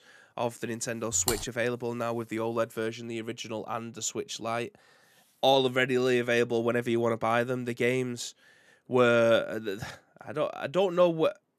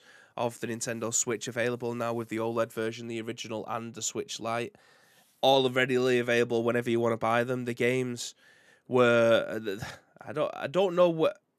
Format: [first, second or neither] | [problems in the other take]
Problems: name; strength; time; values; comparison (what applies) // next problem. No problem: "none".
second | keyboard typing; noticeable; at 1.5 s; peak 4 dB below the speech